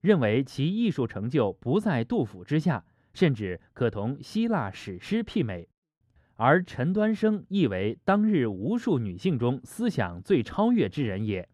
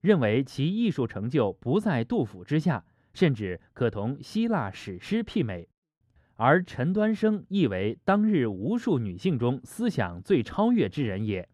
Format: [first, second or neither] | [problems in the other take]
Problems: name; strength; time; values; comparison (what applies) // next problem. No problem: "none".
neither | muffled; slightly; fading above 2 kHz; the same in both